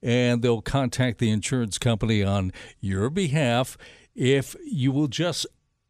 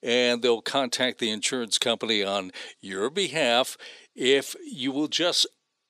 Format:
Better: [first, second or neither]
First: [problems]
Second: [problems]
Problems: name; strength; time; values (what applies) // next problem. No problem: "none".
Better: first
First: none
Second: thin; somewhat; fading below 300 Hz